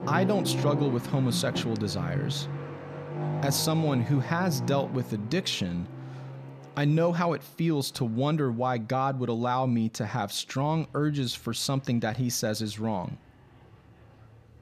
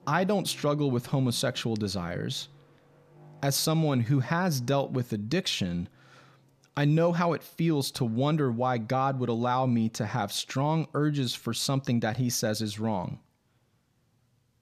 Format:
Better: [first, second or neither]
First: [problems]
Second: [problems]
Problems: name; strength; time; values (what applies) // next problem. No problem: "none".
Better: second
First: traffic noise; loud; throughout; 7 dB below the speech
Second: traffic noise; faint; throughout; 30 dB below the speech